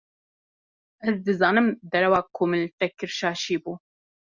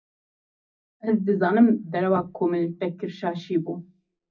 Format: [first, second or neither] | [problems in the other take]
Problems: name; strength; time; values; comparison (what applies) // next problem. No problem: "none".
first | room echo; dies away in 0.4 s